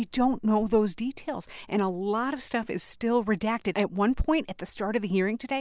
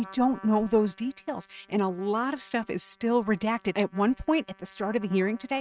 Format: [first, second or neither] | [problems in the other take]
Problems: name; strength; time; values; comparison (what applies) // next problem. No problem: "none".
first | noise reduction (neural mask model RNNoise)